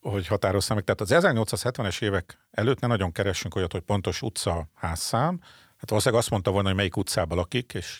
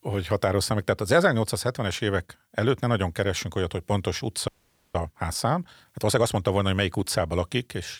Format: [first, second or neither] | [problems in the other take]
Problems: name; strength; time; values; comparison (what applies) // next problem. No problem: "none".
first | audio freezing; at 4.5 s